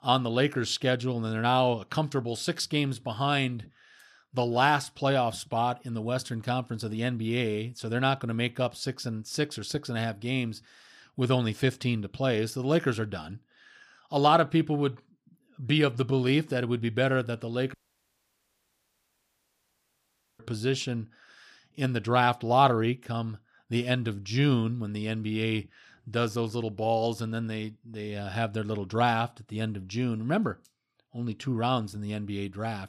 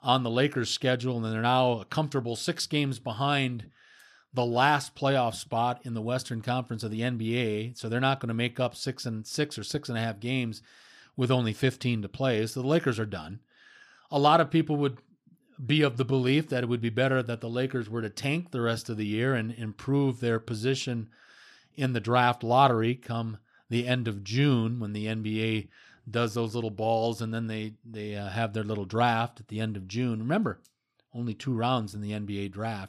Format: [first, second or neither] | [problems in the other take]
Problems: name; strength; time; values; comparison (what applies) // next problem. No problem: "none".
second | audio cutting out; at 18 s for 2.5 s